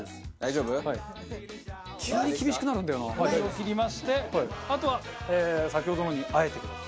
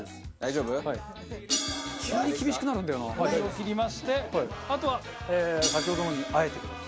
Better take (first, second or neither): first